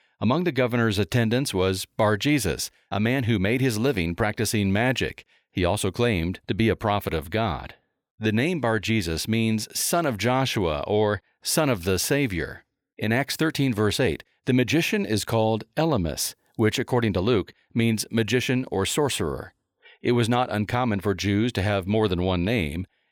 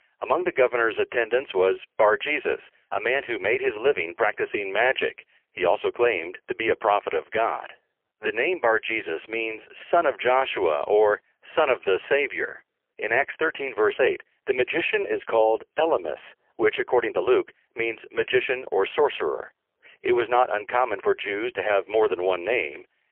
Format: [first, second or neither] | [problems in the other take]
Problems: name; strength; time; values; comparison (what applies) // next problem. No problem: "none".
first | phone-call audio; poor line; nothing above 3 kHz